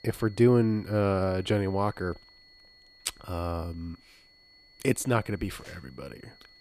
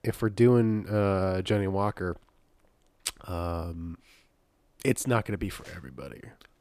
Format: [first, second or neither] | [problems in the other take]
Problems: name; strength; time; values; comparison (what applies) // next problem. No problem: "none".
second | high-pitched whine; faint; throughout; 4.5 kHz, 25 dB below the speech